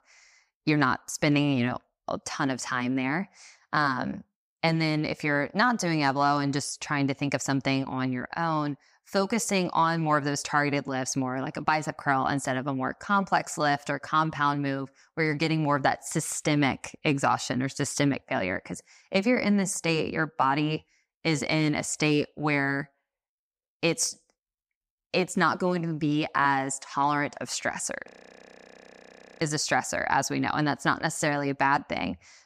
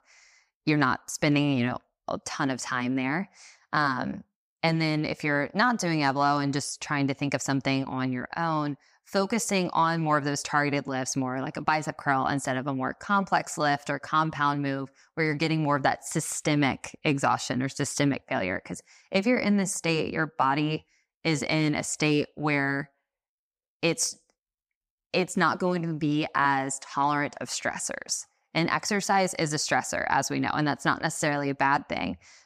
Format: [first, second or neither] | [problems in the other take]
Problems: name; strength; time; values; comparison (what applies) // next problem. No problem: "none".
second | audio freezing; at 28 s for 1.5 s